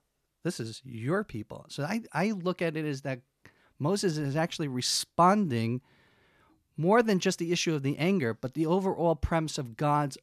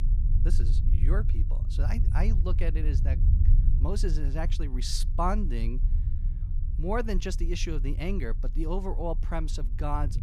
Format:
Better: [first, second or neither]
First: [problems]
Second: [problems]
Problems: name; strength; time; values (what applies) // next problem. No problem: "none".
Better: first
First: none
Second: low rumble; noticeable; throughout; 10 dB below the speech